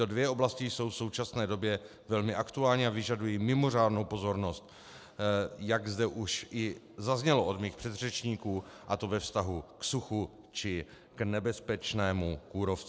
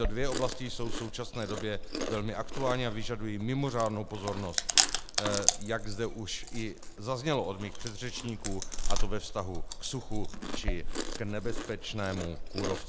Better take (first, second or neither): first